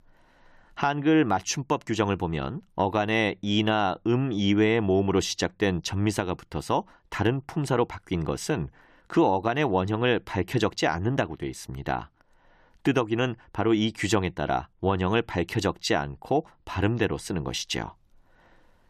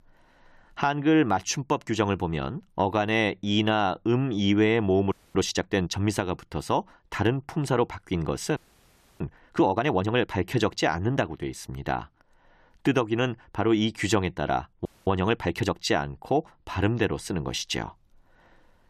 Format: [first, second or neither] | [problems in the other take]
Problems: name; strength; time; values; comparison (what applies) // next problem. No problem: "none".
first | audio freezing; at 5 s, at 8.5 s for 0.5 s and at 15 s